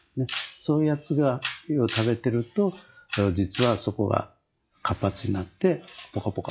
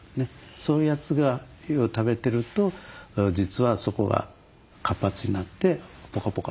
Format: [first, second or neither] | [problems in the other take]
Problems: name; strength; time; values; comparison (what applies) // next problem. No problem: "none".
second | noise reduction (classical method log-MMSE)